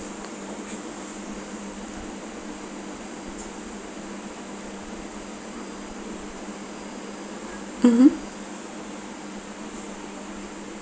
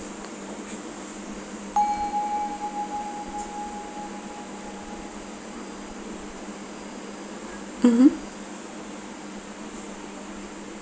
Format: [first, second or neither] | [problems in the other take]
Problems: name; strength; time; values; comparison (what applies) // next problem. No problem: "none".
first | background sound (Bell); 6 dB below the speech